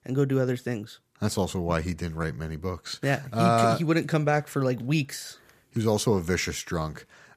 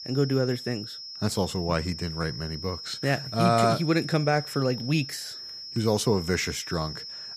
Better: first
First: none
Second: high-pitched whine; loud; throughout; 5 kHz, 9 dB below the speech

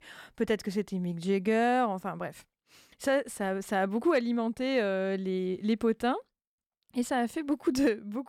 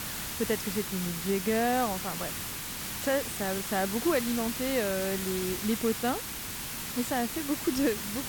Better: first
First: none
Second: hiss; loud; throughout; 3 dB below the speech

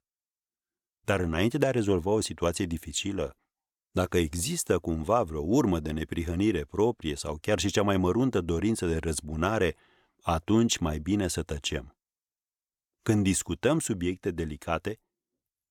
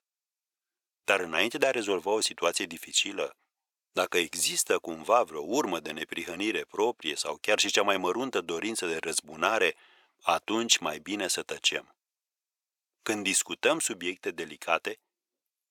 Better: first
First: none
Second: thin; somewhat; fading below 500 Hz

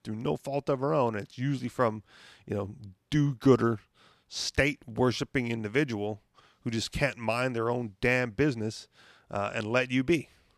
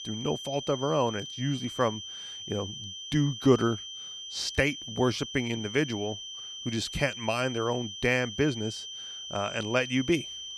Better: first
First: none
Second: high-pitched whine; loud; throughout; 3 kHz, 8 dB below the speech

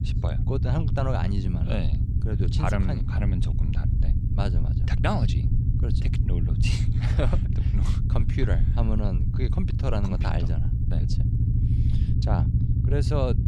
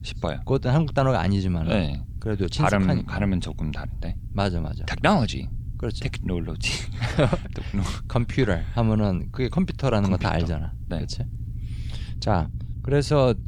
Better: second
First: low rumble; loud; throughout; 4 dB below the speech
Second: low rumble; faint; throughout; 25 dB below the speech

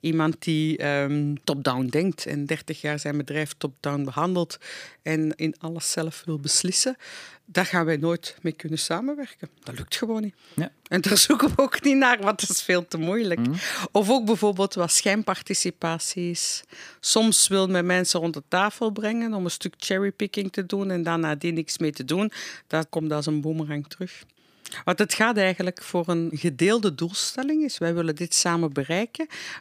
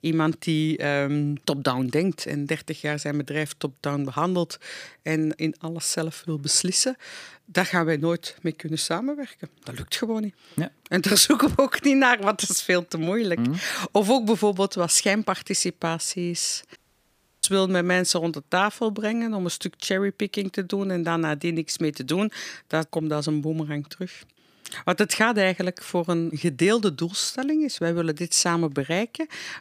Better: first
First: none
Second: audio cutting out; at 17 s for 0.5 s

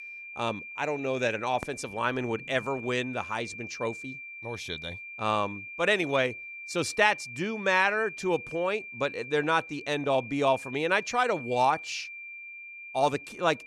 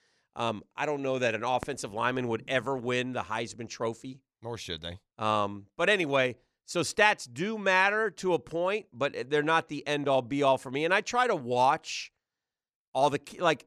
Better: second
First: high-pitched whine; noticeable; throughout; 2.5 kHz, 10 dB below the speech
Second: none

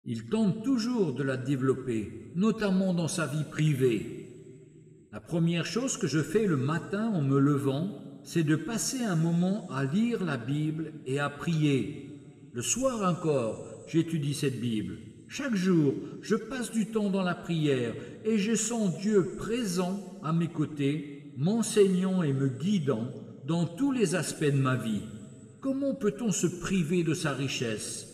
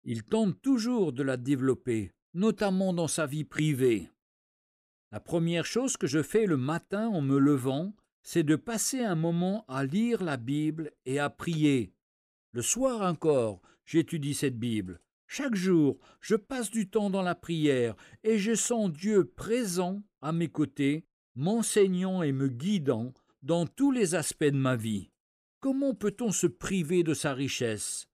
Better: second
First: room echo; slight; dies away in 2.7 s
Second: none

